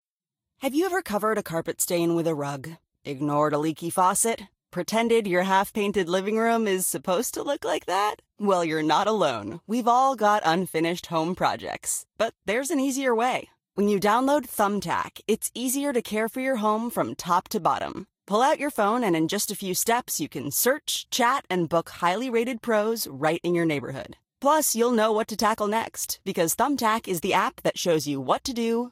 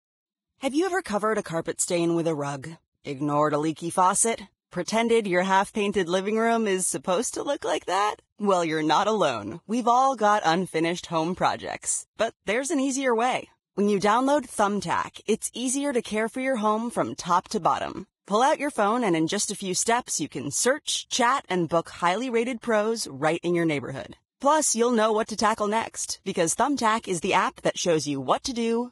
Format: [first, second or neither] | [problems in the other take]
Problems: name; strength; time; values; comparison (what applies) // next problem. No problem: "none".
first | garbled, watery; badly; nothing above 10.5 kHz; slightly in the first